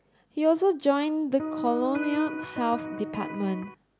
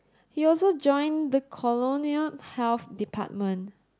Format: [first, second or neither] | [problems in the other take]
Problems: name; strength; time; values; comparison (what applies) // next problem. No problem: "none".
second | background sound (Electric guitar); 7 dB below the speech